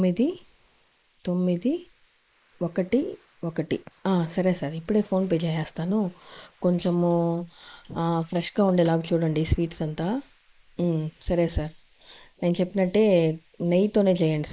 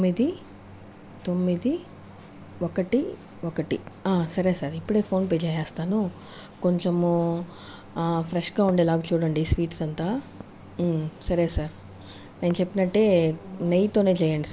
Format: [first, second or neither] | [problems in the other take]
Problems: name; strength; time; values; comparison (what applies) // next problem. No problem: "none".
second | noise reduction (neural mask model Resemble Enhance denoiser)